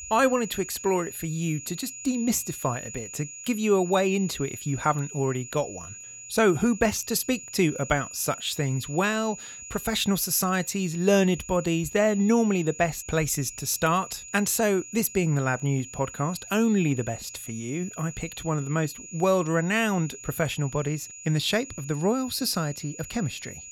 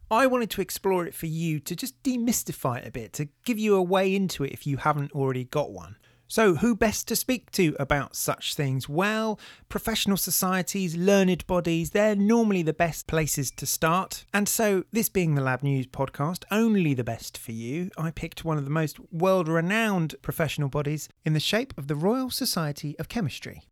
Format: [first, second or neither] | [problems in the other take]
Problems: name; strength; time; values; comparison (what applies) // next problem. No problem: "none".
second | high-pitched whine; noticeable; throughout; 7 kHz, 15 dB below the speech